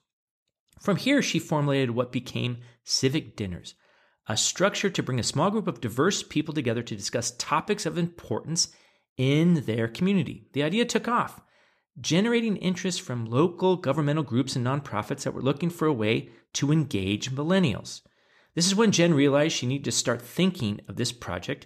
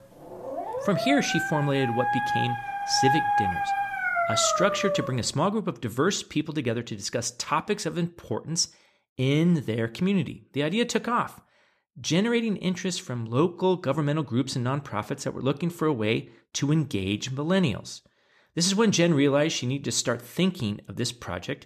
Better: first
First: none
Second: dog barking; loud; until 5 s; peak 4 dB above the speech

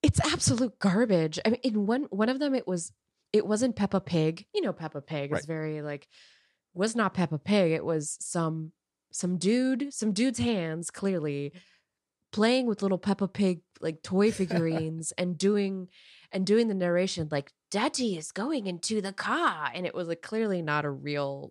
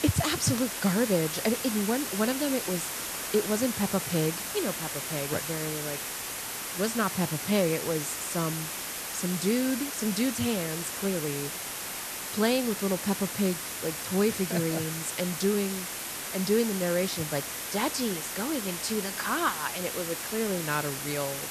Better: first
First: none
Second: hiss; loud; throughout; 3 dB below the speech

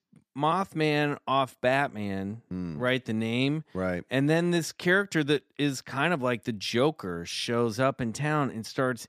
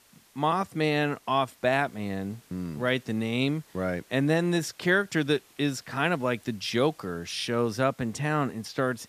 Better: first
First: none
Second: hiss; faint; throughout; 30 dB below the speech

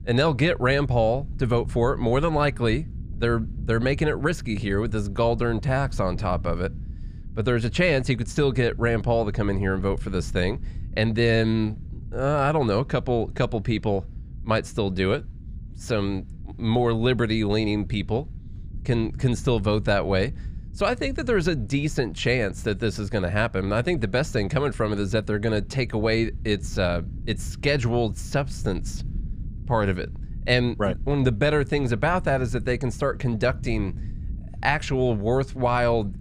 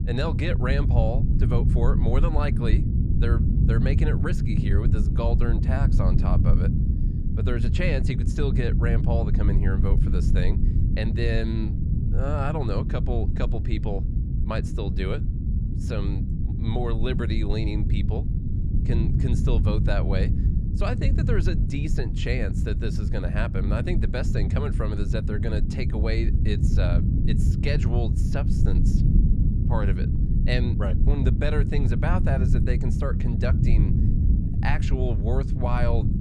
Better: first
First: low rumble; faint; throughout; 25 dB below the speech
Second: low rumble; loud; throughout; 4 dB below the speech

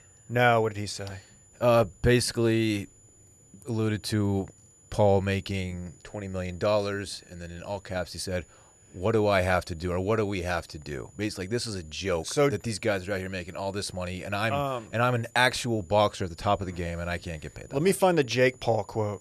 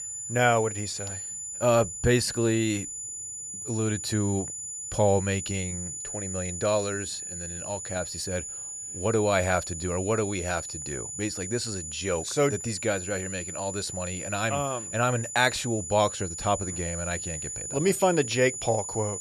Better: first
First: high-pitched whine; faint; throughout; 7 kHz, 30 dB below the speech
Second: high-pitched whine; loud; throughout; 7 kHz, 6 dB below the speech

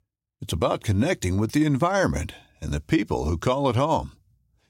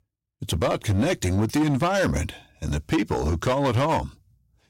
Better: first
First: none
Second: distortion; slight; 11% of the sound clipped

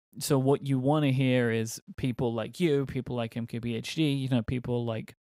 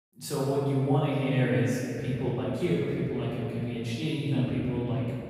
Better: first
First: none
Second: off-mic speech; far // room echo; strong; dies away in 2.5 s

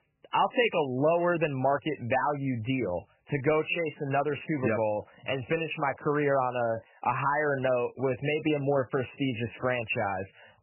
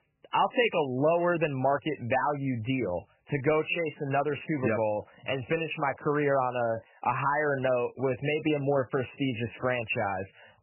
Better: neither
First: garbled, watery; badly; nothing above 3 kHz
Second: garbled, watery; badly; nothing above 3 kHz

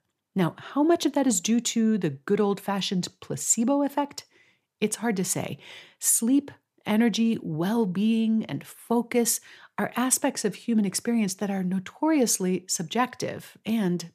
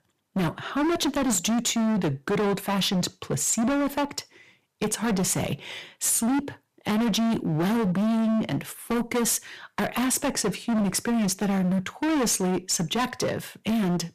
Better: first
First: none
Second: distortion; heavy; 29% of the sound clipped

